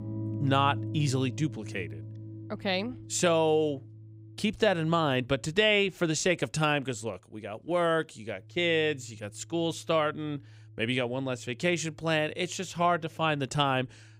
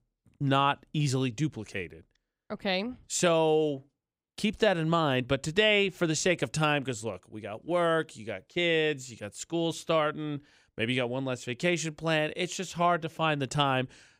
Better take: second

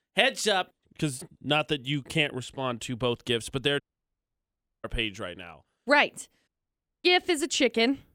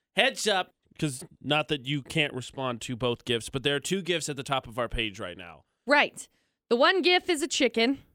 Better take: second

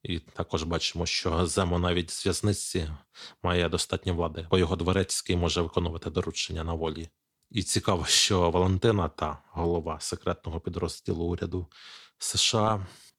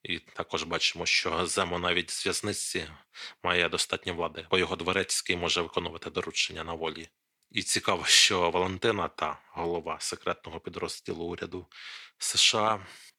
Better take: first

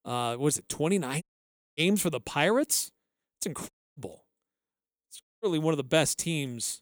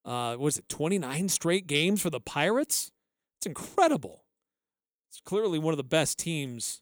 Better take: second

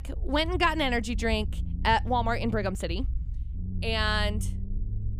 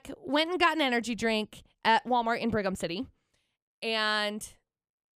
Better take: second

